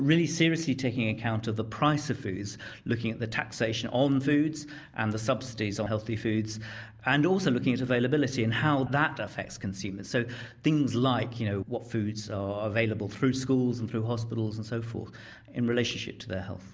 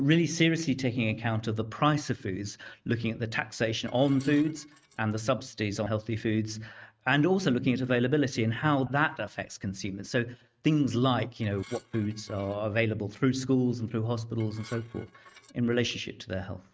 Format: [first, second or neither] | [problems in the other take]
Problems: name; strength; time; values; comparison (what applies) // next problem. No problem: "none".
first | noise reduction (neural mask model RNNoise)